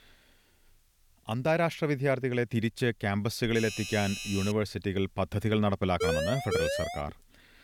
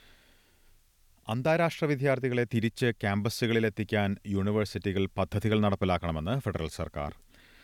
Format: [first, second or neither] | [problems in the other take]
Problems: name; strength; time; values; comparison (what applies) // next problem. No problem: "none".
second | doorbell; noticeable; from 3.5 to 4.5 s; peak 6 dB below the speech // siren; loud; from 6 to 7 s; peak level with the speech